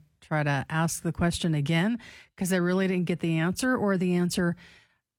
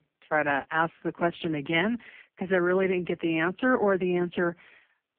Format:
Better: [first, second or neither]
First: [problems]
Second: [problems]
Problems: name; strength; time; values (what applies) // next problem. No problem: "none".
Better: first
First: none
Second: phone-call audio; poor line